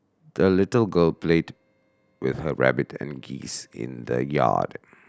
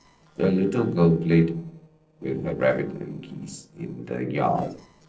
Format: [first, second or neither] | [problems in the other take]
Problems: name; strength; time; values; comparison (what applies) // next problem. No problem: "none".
first | noise reduction (neural separator model SepFormer DNS4)